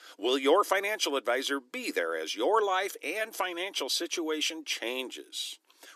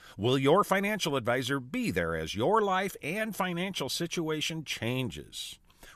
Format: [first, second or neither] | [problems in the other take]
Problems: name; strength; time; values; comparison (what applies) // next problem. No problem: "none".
second | thin; somewhat; fading below 300 Hz